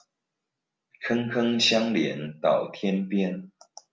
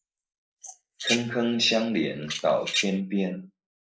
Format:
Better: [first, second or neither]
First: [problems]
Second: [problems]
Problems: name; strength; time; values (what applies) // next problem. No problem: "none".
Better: first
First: none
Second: noise reduction (neural mask model Resemble Enhance denoiser)